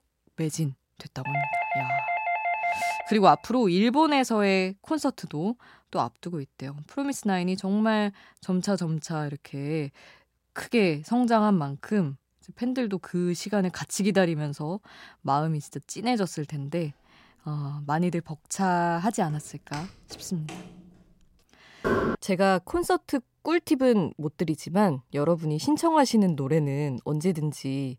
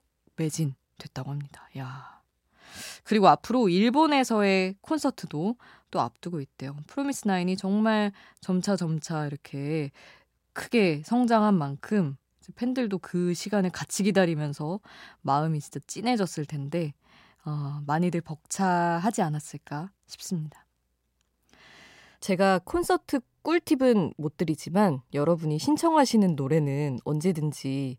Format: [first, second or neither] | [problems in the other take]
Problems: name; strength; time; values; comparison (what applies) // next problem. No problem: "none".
second | doorbell; loud; from 1.5 to 3 s; peak level with the speech // footsteps; faint; from 19 to 21 s; peak 15 dB below the speech // door banging; loud; at 22 s; peak 1 dB above the speech